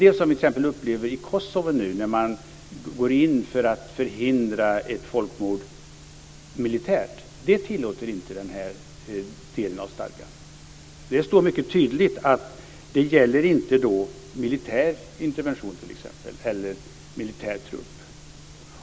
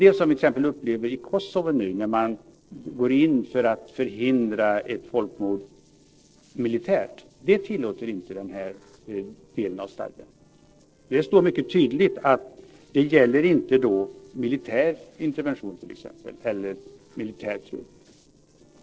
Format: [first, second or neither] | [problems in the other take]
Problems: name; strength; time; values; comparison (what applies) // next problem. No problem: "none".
first | noise reduction (neural separator model SepFormer DNS4)